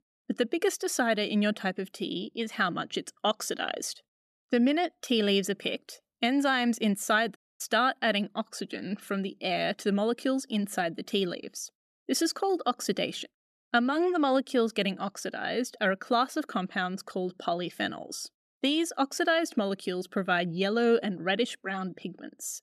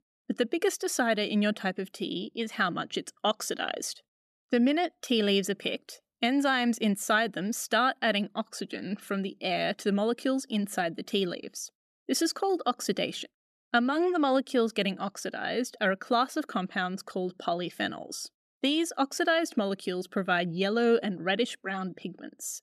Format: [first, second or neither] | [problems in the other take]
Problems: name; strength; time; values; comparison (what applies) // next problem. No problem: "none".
second | audio cutting out; at 7.5 s